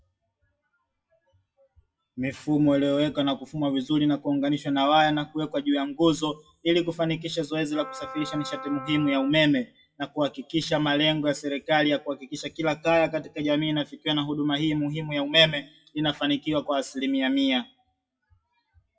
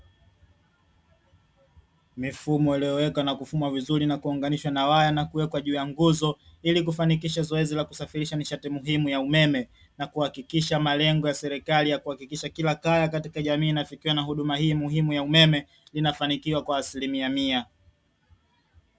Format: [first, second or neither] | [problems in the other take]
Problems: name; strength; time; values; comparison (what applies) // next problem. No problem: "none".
second | noise reduction (classical method WPE with log-MMSE)